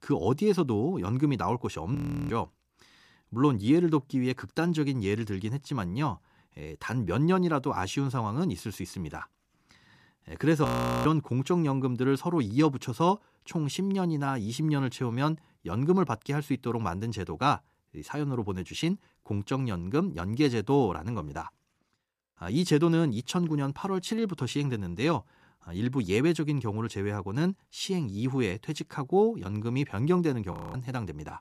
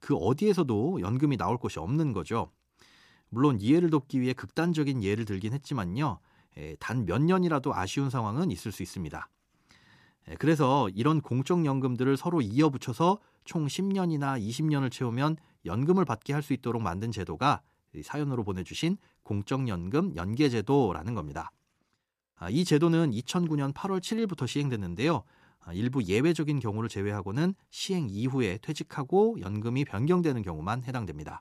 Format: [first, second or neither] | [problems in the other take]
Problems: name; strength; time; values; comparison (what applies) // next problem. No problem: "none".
second | audio freezing; at 2 s, at 11 s and at 31 s